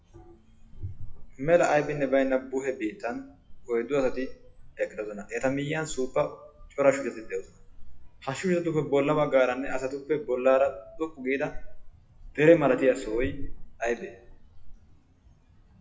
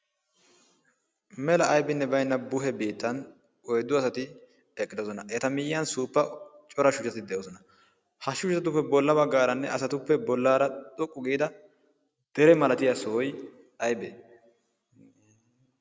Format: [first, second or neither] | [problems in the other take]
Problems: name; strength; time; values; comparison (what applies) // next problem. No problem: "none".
second | noise reduction (classical method WPE with log-MMSE)